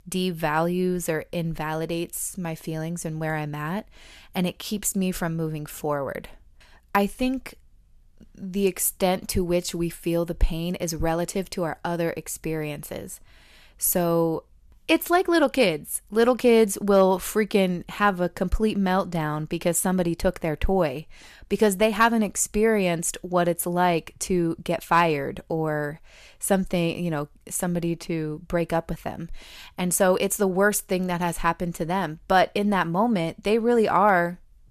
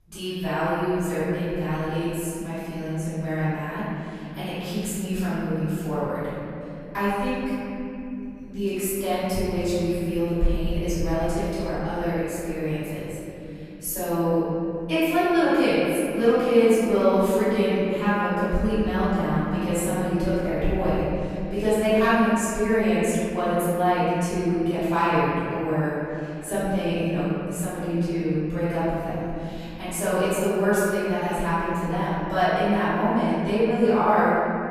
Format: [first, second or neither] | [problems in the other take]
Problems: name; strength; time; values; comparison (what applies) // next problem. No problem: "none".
first | off-mic speech; far // room echo; strong; dies away in 3 s